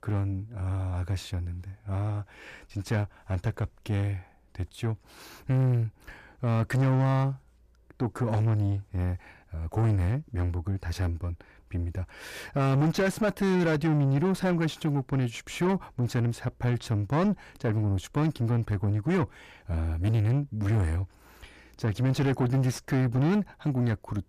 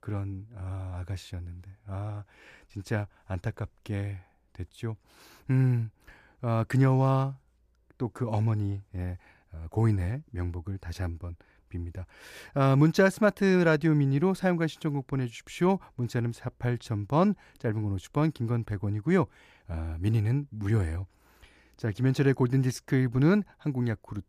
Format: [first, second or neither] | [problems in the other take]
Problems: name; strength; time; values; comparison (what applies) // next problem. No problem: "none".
second | distortion; heavy; 7 dB below the speech